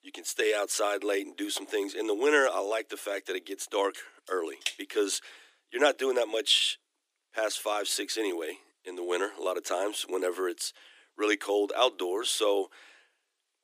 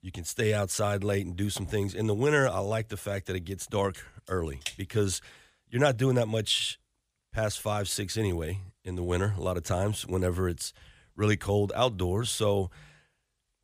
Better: second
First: thin; very; fading below 300 Hz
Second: none

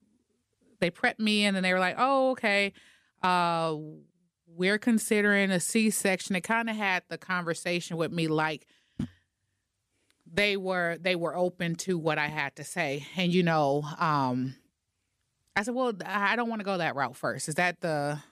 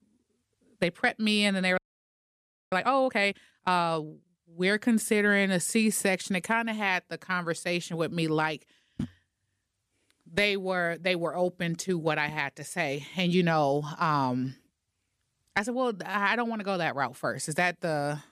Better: first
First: none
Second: audio freezing; at 2 s for 1 s

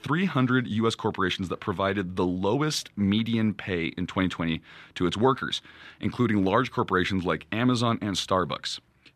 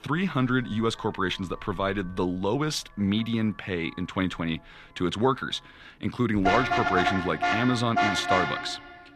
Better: first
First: none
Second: traffic noise; very loud; throughout; 1 dB above the speech

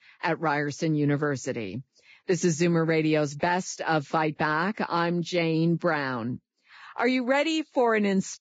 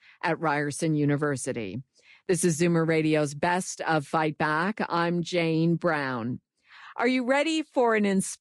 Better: second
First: garbled, watery; badly; nothing above 7.5 kHz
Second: garbled, watery; slightly; nothing above 10.5 kHz

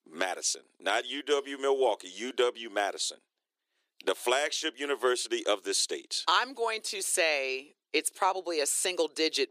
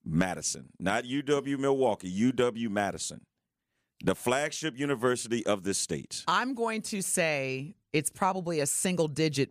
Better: second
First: thin; very; fading below 350 Hz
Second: none

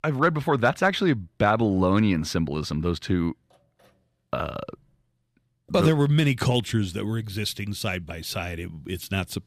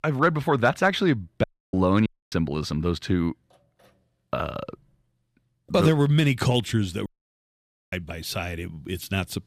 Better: first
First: none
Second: audio cutting out; at 1.5 s, at 2 s and at 7 s for 1 s

